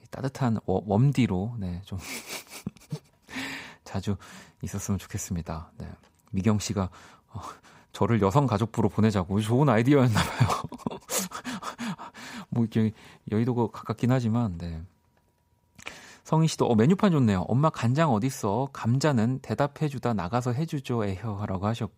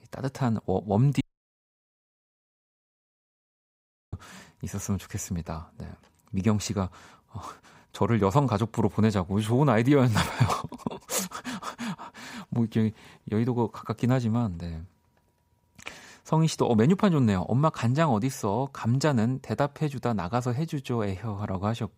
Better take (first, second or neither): first